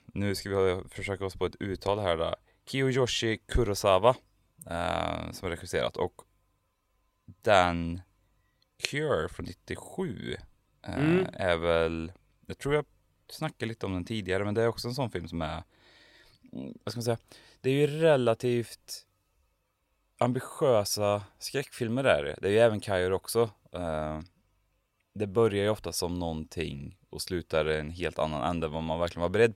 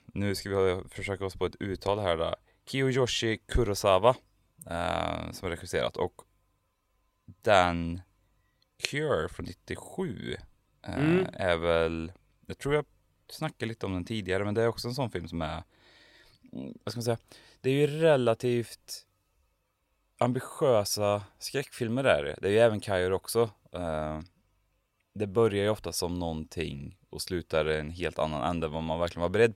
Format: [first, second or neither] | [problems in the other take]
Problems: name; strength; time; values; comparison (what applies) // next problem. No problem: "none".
neither | none